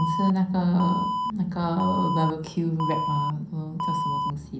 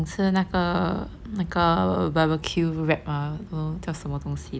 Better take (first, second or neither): second